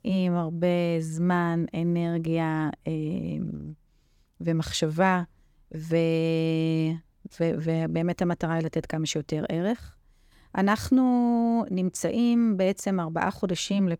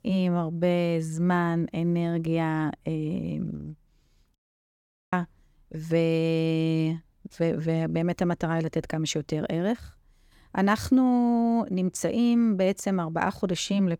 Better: first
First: none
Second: audio cutting out; at 4.5 s for 1 s

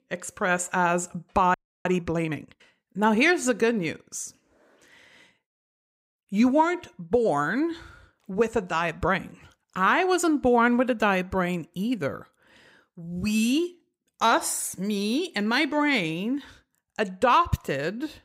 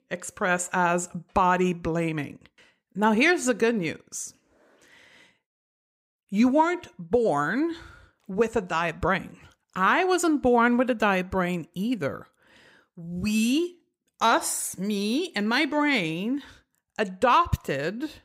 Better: second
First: audio freezing; at 1.5 s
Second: none

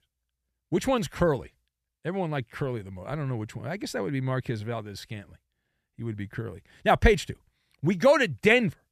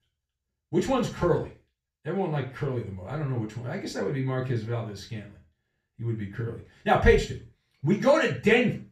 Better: first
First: none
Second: room echo; slight; dies away in 0.3 s // off-mic speech; far

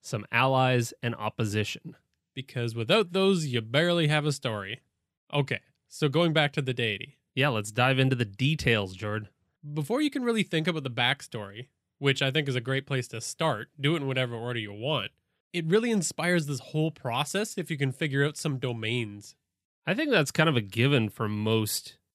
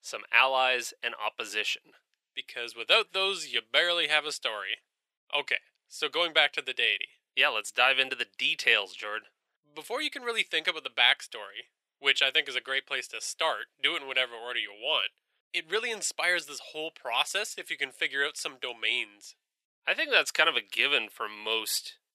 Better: first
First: none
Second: thin; very; fading below 550 Hz

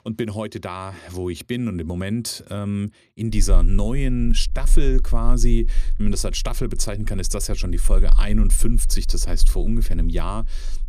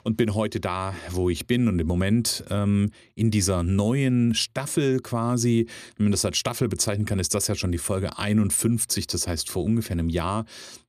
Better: second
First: low rumble; faint; from 3.5 s on; 25 dB below the speech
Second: none

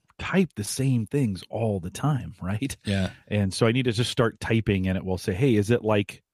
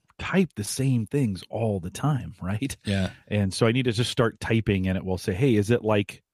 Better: neither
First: none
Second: none

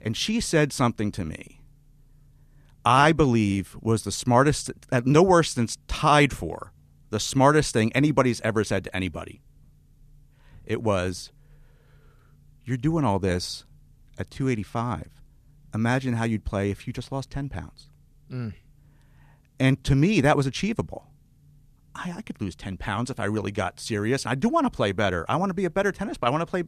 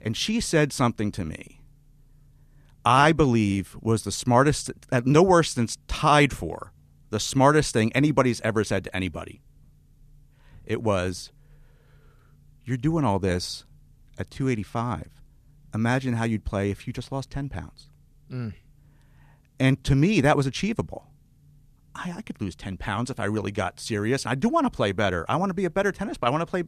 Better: neither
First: none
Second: none

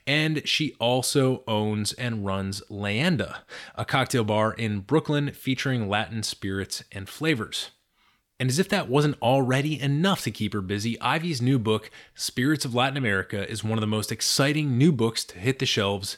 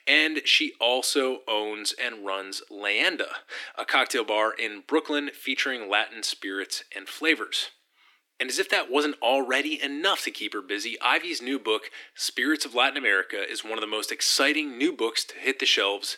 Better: first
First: none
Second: thin; somewhat; fading below 300 Hz

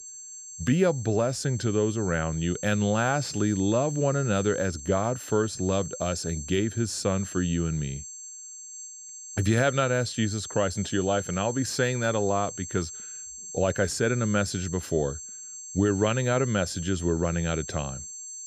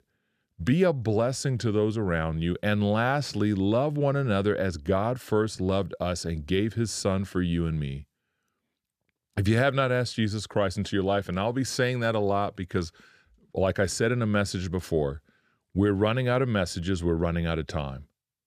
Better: second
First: high-pitched whine; noticeable; throughout; 7.5 kHz, 10 dB below the speech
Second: none

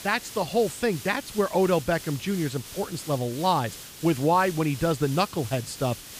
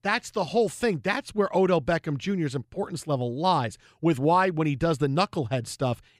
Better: second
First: hiss; noticeable; throughout; 15 dB below the speech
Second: none

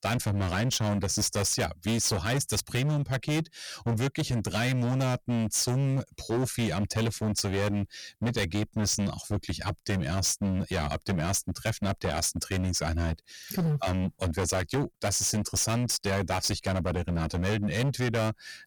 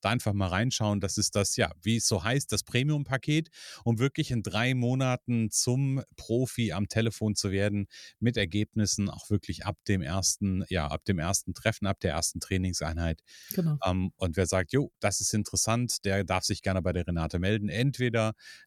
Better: second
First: distortion; heavy; 22% of the sound clipped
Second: none

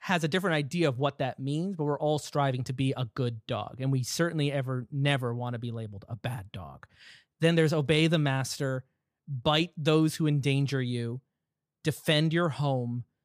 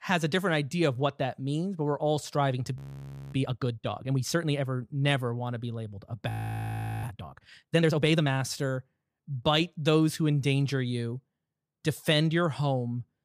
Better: first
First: none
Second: audio freezing; at 3 s for 0.5 s and at 6.5 s for 0.5 s

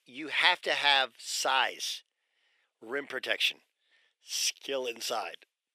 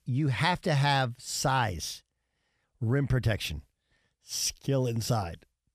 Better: second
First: thin; very; fading below 350 Hz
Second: none

